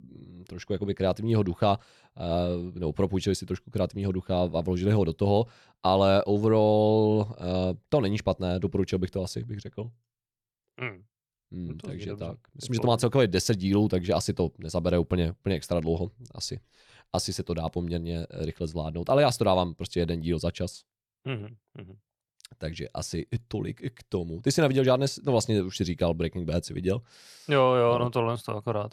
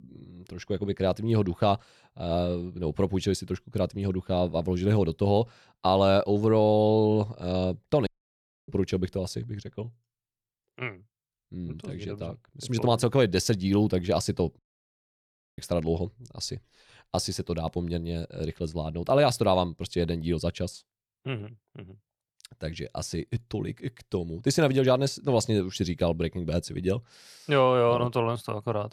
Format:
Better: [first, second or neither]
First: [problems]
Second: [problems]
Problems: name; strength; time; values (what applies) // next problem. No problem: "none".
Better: first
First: none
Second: audio cutting out; at 8 s for 0.5 s and at 15 s for 1 s